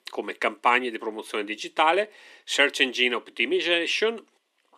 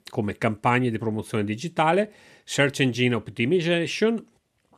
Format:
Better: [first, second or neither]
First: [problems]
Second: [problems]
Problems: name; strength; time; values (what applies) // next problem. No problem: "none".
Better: second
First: thin; somewhat; fading below 300 Hz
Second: none